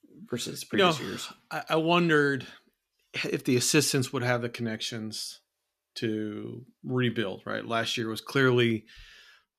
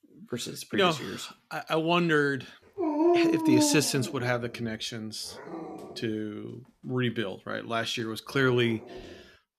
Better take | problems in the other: first | dog barking; loud; from 3 to 9 s; peak 6 dB above the speech

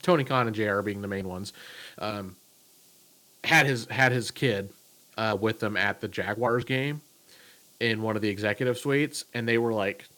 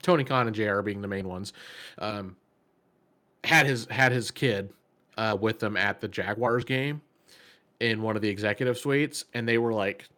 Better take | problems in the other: second | hiss; faint; throughout; 30 dB below the speech

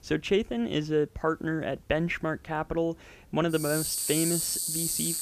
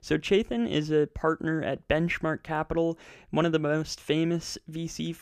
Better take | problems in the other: second | animal sounds; very loud; throughout; 1 dB above the speech

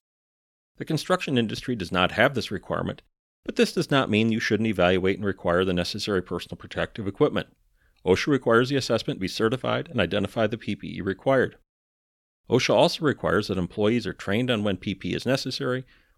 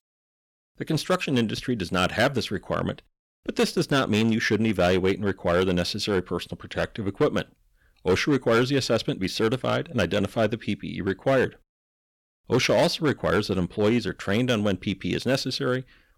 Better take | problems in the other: first | distortion; slight; 4% of the sound clipped

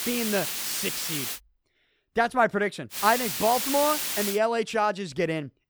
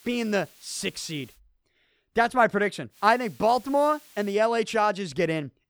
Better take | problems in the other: second | hiss; loud; until 1.5 s and from 3 to 4.5 s; 2 dB below the speech; faint in the second

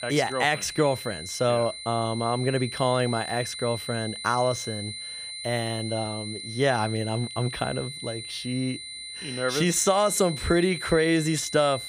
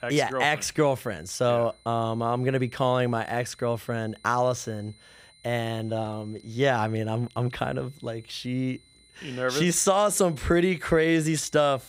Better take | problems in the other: second | high-pitched whine; loud; throughout; 4 kHz, 9 dB below the speech; faint in the second

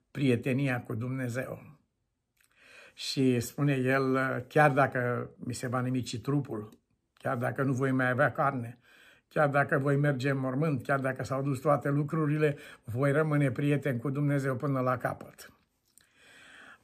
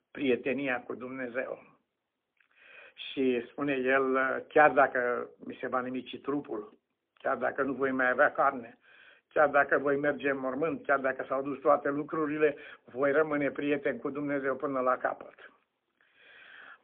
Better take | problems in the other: first | phone-call audio; poor line; nothing above 3.5 kHz

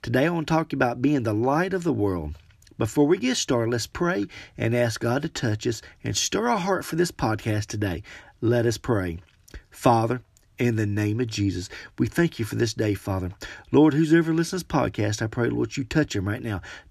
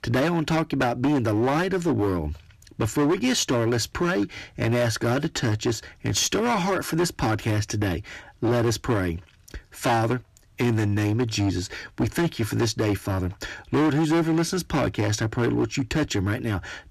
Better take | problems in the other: first | distortion; heavy; 14% of the sound clipped

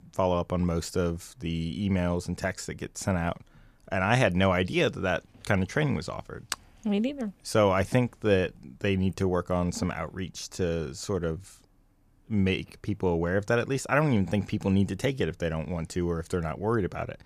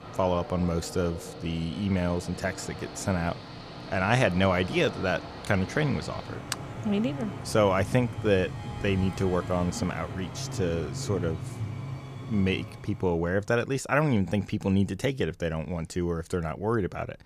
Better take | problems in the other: first | train or aircraft noise; noticeable; until 13 s; 10 dB below the speech

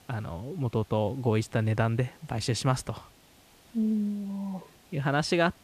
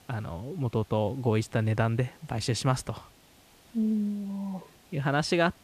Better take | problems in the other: neither | hiss; faint; throughout; 25 dB below the speech; the same in both

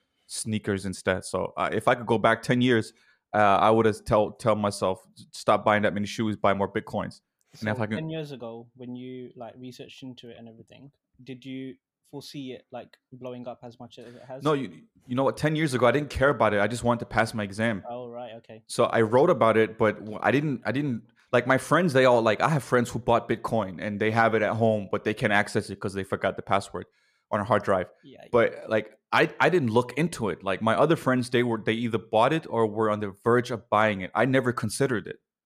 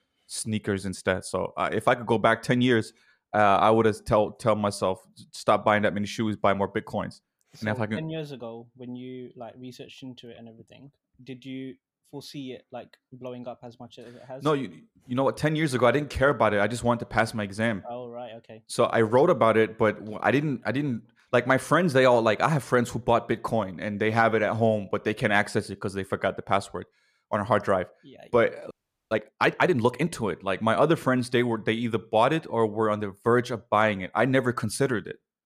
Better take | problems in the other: first | audio freezing; at 29 s

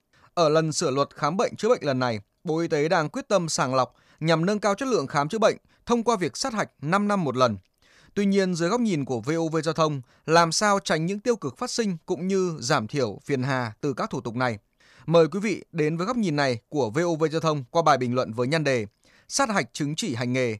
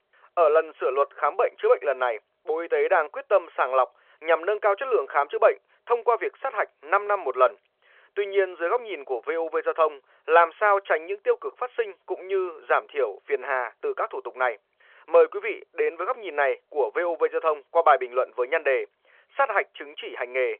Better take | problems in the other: first | phone-call audio

